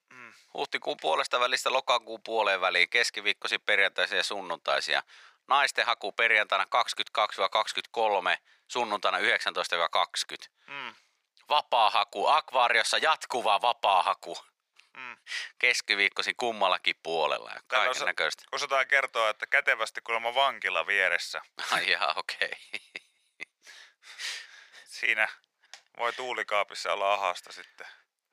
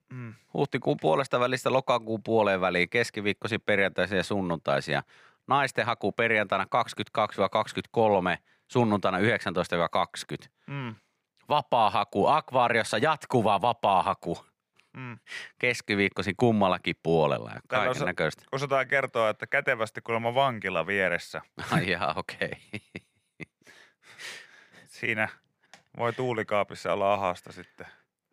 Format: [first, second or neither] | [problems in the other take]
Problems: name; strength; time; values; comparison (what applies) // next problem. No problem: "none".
second | thin; very; fading below 700 Hz